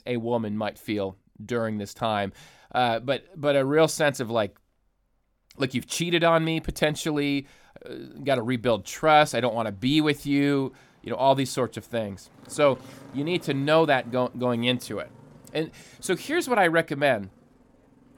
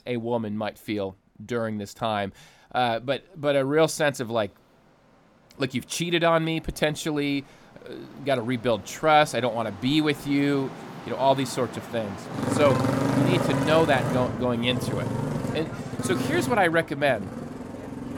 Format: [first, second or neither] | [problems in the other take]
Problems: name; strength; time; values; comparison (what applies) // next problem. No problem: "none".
first | traffic noise; loud; throughout; 5 dB below the speech; faint in the first